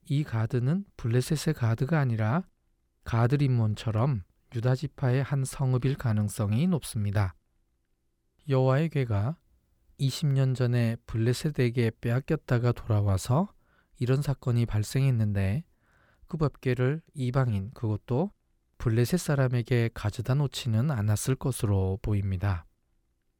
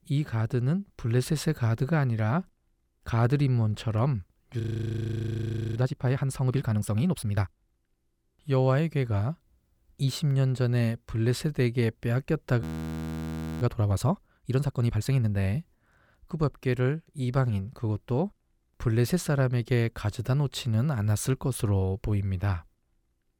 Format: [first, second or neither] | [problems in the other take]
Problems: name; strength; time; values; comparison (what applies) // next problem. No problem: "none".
first | audio freezing; at 4.5 s for 1 s and at 13 s for 1 s